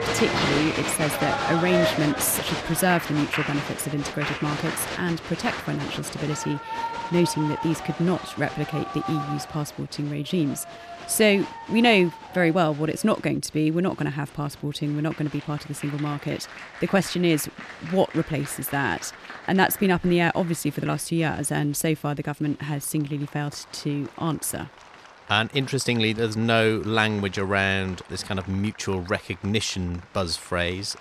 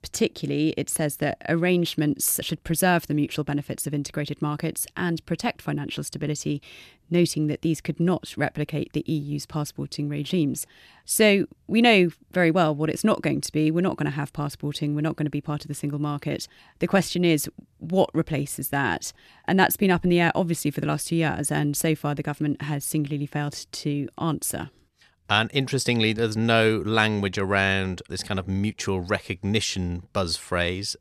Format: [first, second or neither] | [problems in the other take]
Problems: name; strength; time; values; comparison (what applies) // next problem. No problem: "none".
second | crowd noise; loud; throughout; 6 dB below the speech